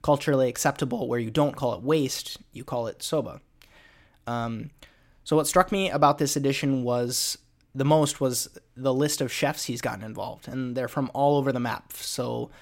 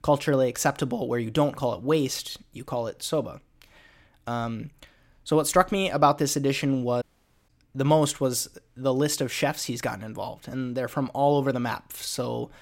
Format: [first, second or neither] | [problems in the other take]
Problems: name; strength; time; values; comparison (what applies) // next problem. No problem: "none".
first | audio cutting out; at 7 s